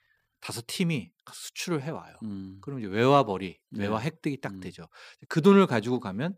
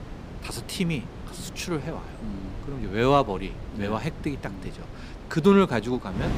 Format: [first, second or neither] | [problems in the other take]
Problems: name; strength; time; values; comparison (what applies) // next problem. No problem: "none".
first | wind noise on the microphone; occasional gusts; 15 dB below the speech